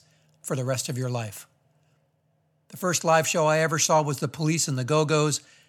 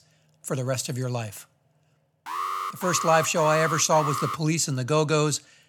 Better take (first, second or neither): first